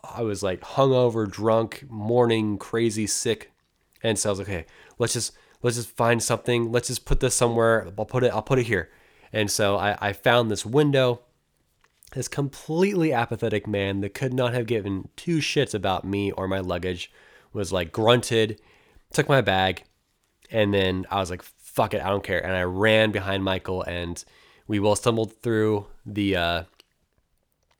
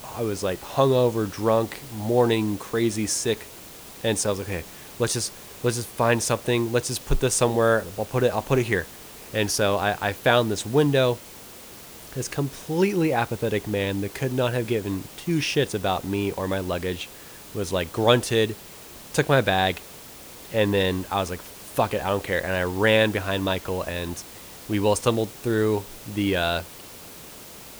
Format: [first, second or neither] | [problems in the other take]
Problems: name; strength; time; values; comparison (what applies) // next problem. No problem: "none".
first | hiss; noticeable; throughout; 15 dB below the speech